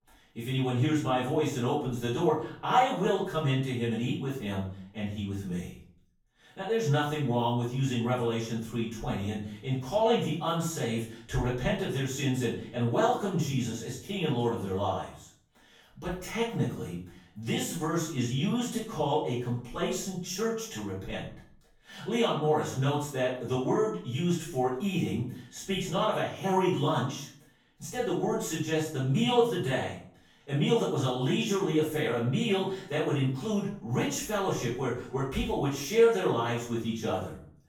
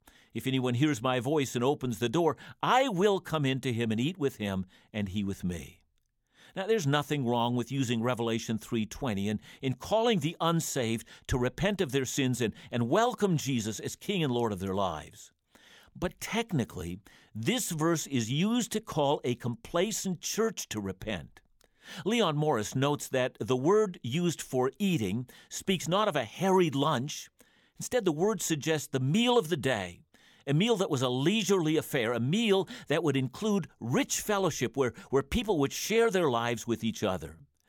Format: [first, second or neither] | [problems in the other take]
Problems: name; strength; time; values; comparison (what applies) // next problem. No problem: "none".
second | off-mic speech; far // room echo; noticeable; dies away in 0.5 s